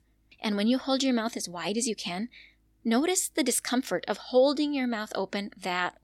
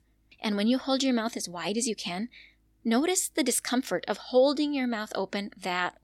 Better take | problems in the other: neither | none

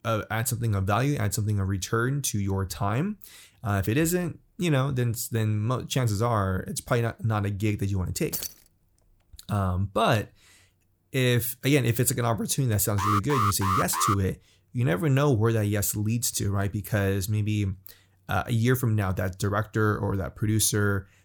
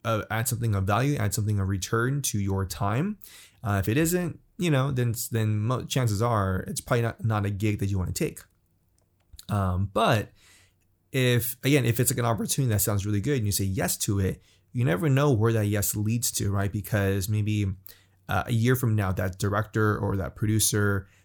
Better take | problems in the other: second | jangling keys; noticeable; at 8.5 s; peak 6 dB below the speech // alarm; loud; from 13 to 14 s; peak level with the speech

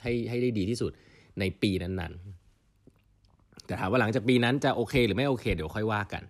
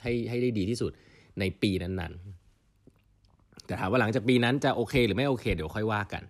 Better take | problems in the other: neither | none

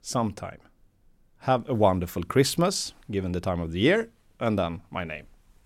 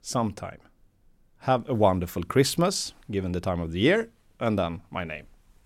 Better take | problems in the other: neither | none

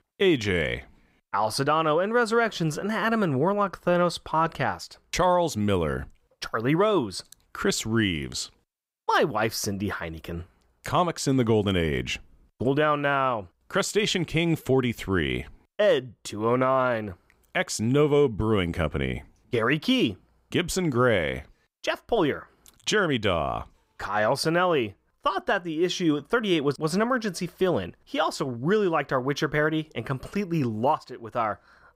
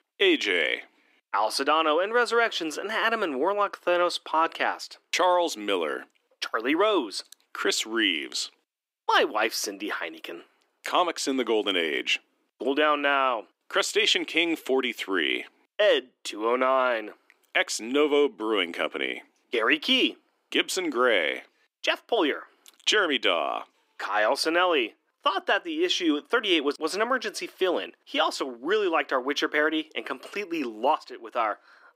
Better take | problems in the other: first | thin; somewhat; fading below 300 Hz

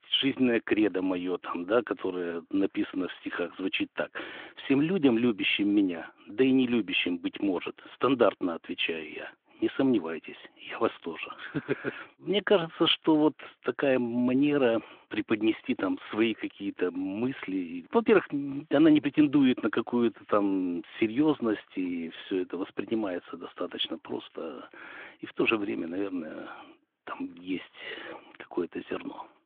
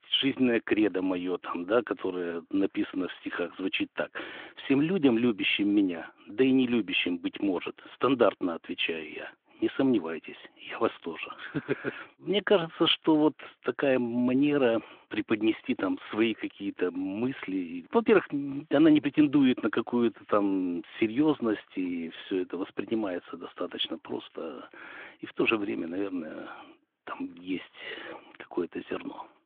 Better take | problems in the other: neither | phone-call audio; nothing above 3.5 kHz; the same in both

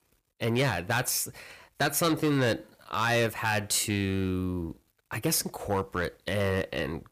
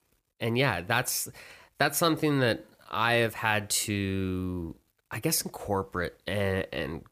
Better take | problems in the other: second | distortion; slight; 5% of the sound clipped

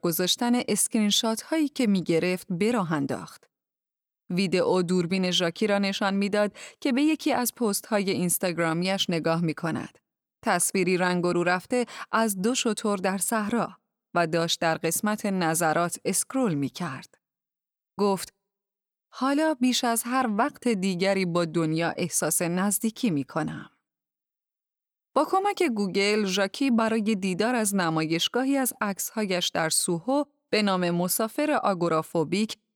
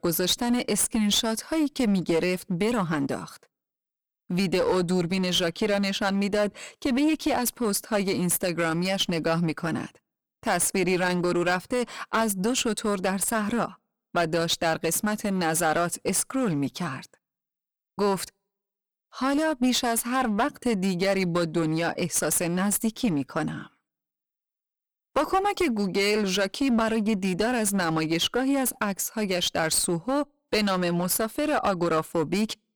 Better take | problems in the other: first | distortion; slight; 9% of the sound clipped

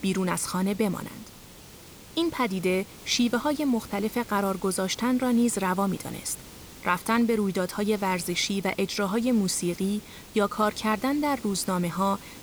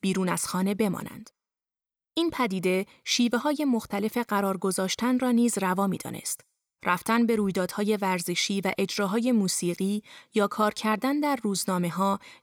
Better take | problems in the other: second | hiss; noticeable; throughout; 20 dB below the speech

